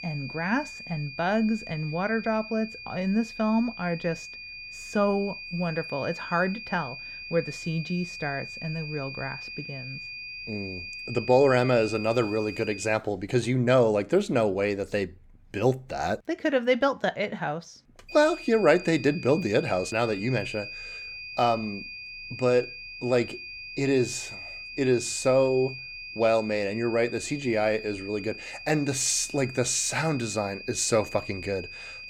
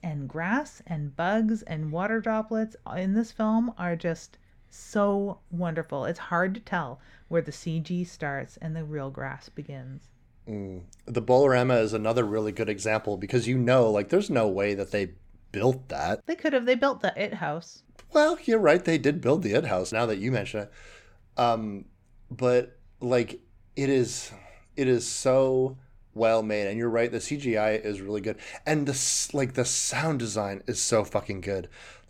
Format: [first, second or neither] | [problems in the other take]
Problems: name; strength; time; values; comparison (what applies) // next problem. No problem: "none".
second | high-pitched whine; noticeable; until 13 s and from 18 s on; 2.5 kHz, 10 dB below the speech